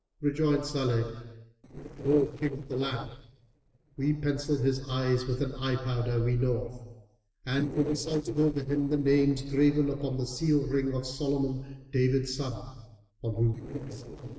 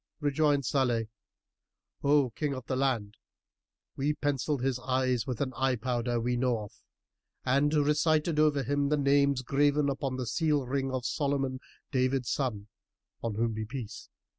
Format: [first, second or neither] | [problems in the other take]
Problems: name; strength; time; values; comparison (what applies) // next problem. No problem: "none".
second | noise reduction (neural separator model SepFormer DNS4)